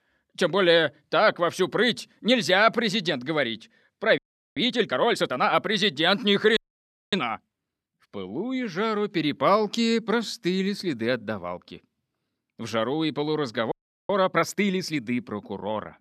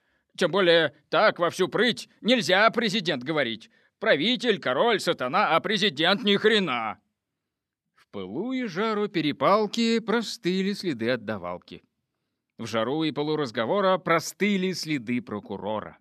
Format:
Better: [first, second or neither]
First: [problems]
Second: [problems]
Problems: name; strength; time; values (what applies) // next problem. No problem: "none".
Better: second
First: audio freezing; at 4 s, at 6.5 s for 0.5 s and at 14 s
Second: none